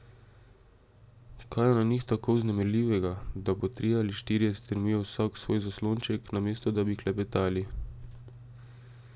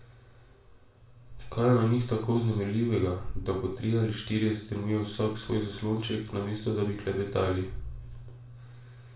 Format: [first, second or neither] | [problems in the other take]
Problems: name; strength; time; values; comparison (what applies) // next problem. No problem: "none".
first | room echo; dies away in 0.3 s